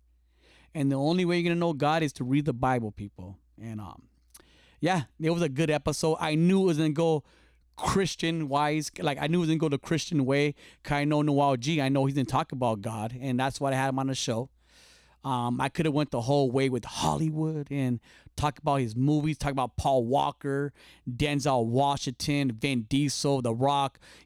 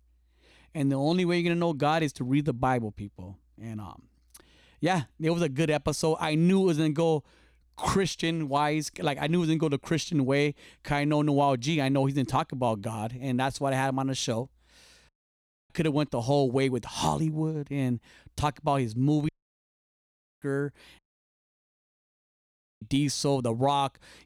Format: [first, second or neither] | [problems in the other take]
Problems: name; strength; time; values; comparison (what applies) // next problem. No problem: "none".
first | audio cutting out; at 15 s for 0.5 s, at 19 s for 1 s and at 21 s for 2 s